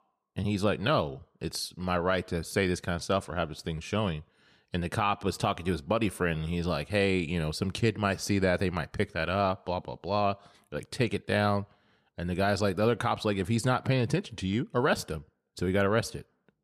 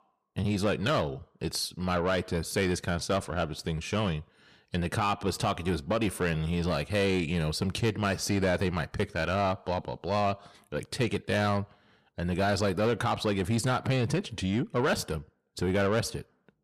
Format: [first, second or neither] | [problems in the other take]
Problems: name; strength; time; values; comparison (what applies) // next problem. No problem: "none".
first | distortion; slight; 10 dB below the speech